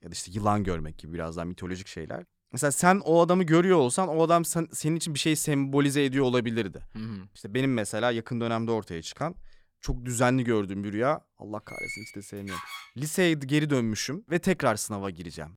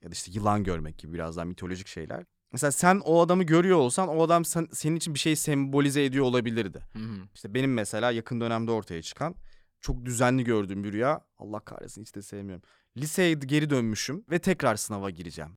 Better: second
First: door banging; noticeable; from 12 to 13 s; peak 9 dB below the speech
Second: none

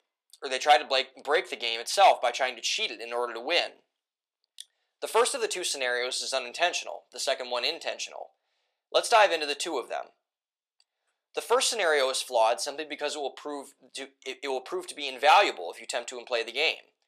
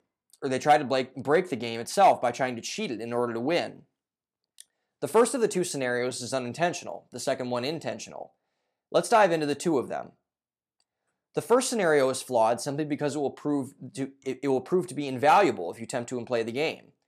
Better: second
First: thin; very; fading below 500 Hz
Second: none

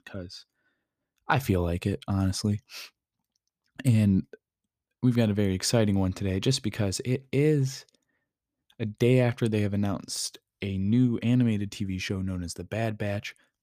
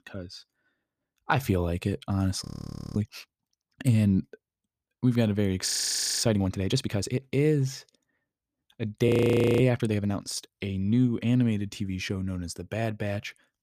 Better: first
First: none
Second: audio freezing; at 2.5 s for 0.5 s, at 5.5 s for 0.5 s and at 9 s for 0.5 s

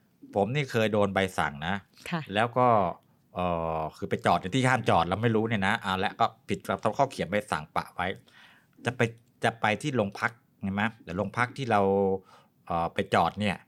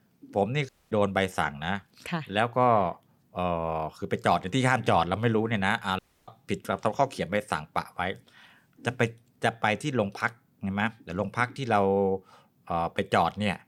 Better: first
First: none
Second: audio cutting out; at 0.5 s and at 6 s

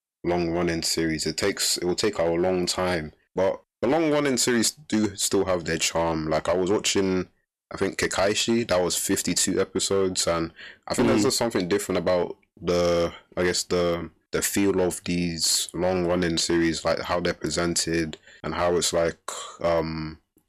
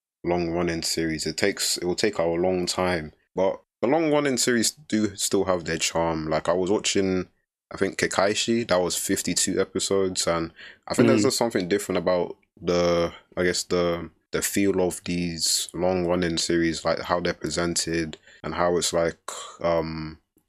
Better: second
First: distortion; slight; 5% of the sound clipped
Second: none

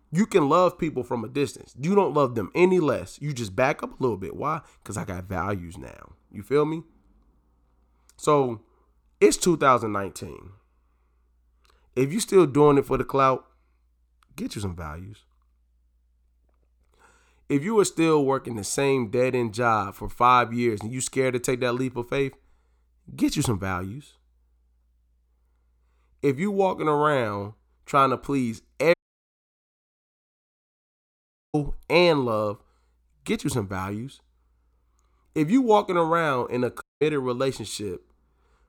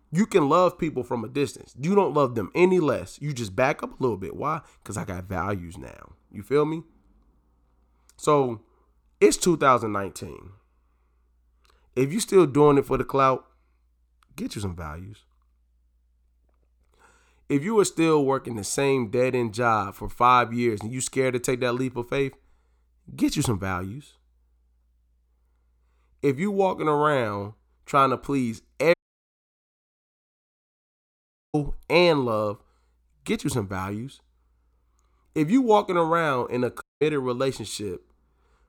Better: neither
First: audio cutting out; at 29 s for 2.5 s and at 37 s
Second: audio cutting out; at 29 s for 2.5 s and at 37 s

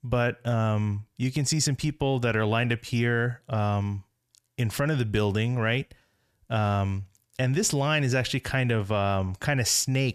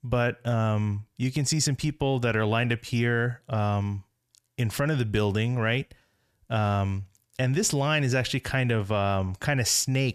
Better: neither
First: none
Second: none

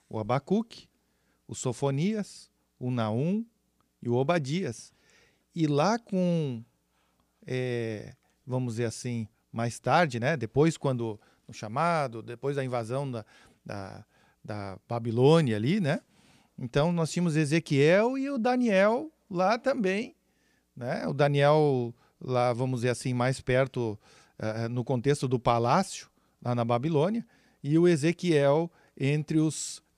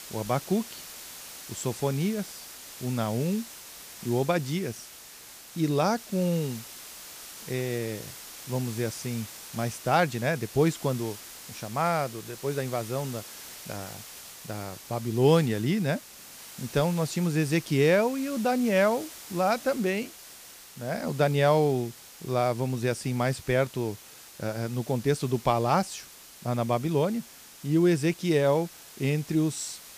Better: first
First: none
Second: hiss; noticeable; throughout; 15 dB below the speech

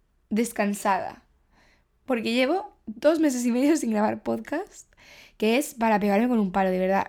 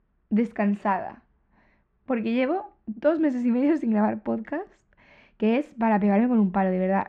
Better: first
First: none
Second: muffled; very; fading above 2 kHz

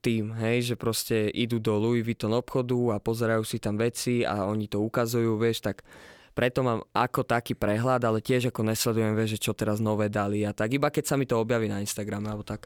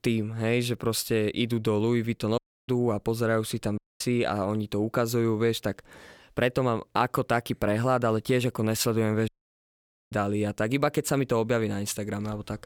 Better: first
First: none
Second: audio cutting out; at 2.5 s, at 4 s and at 9.5 s for 1 s

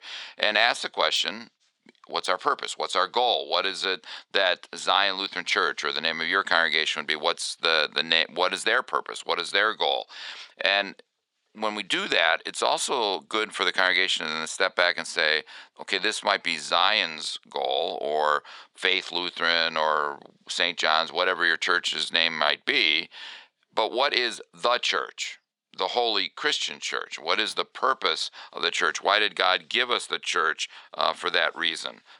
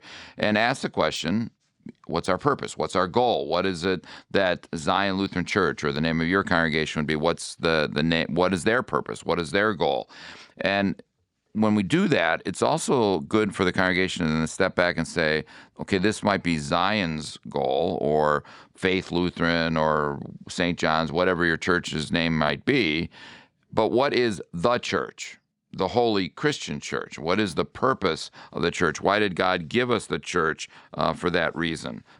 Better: second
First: thin; very; fading below 650 Hz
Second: none

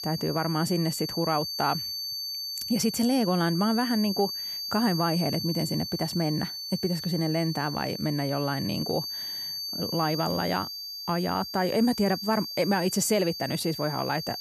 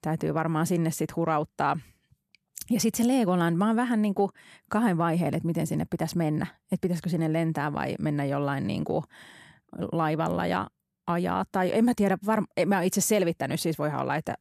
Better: second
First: high-pitched whine; loud; throughout; 4.5 kHz, 5 dB below the speech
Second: none

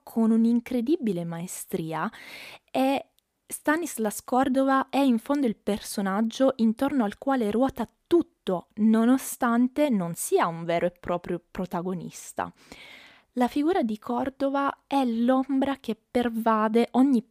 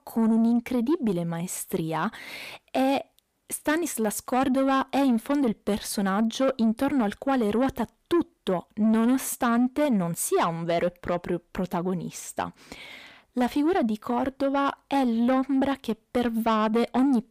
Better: first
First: none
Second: distortion; slight; 10 dB below the speech

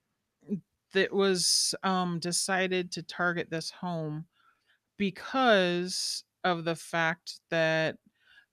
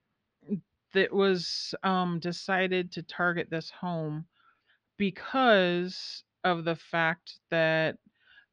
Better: first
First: none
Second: muffled; slightly; fading above 4 kHz

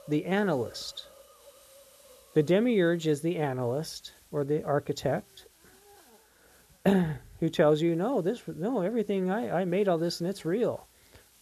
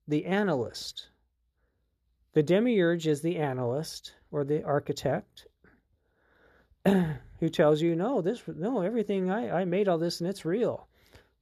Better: second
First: hiss; faint; throughout; 25 dB below the speech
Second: none

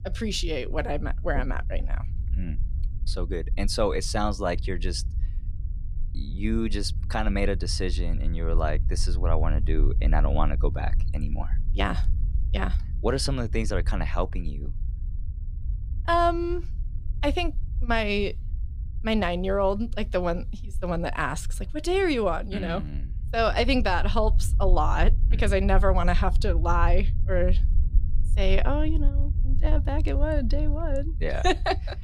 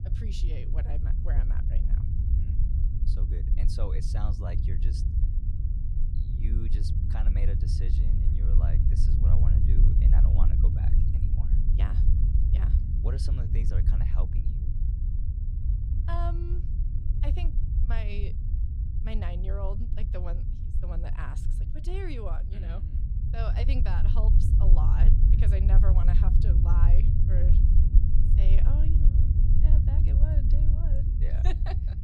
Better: first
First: low rumble; faint; throughout; 20 dB below the speech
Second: low rumble; loud; throughout; as loud as the speech

